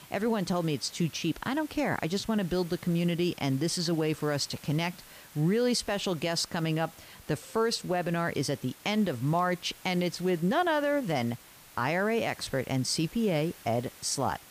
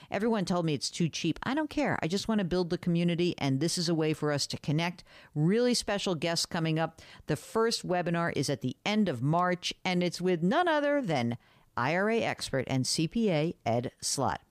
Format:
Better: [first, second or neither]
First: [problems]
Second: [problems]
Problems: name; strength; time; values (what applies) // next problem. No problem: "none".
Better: second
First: hiss; faint; throughout; 20 dB below the speech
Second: none